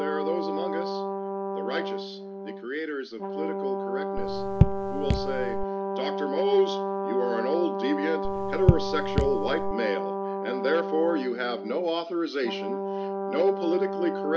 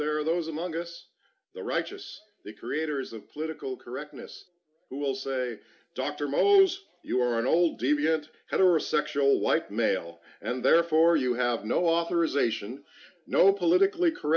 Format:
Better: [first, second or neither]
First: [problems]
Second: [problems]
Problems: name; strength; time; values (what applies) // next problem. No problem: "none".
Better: second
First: background sound (Brass instrument + Raindrop / Drip); 1 dB above the speech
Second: none